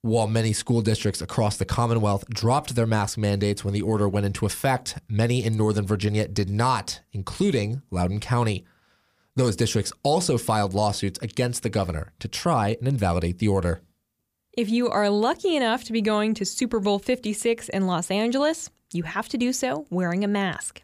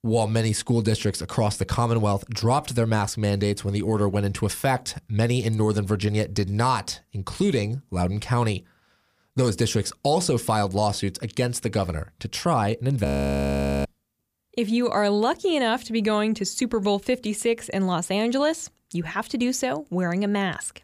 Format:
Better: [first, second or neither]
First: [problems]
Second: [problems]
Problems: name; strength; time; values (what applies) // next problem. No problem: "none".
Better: first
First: none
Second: audio freezing; at 13 s for 1 s